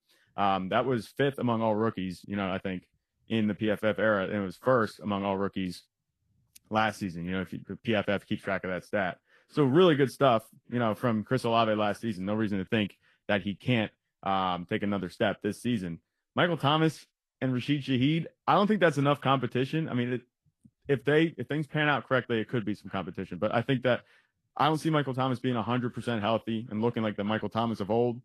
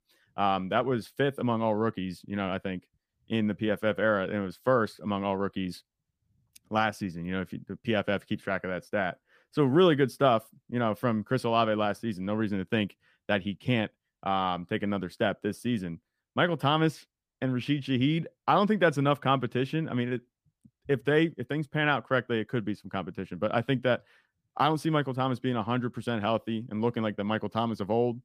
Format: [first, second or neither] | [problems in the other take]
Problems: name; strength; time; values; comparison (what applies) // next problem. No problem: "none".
second | garbled, watery; slightly; nothing above 13 kHz